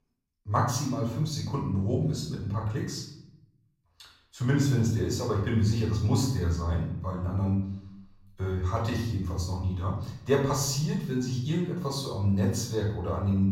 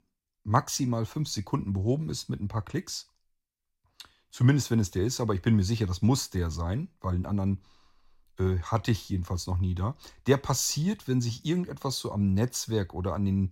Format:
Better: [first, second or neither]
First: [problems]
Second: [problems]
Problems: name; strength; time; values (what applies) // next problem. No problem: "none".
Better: second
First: off-mic speech; far // room echo; noticeable; dies away in 0.7 s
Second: none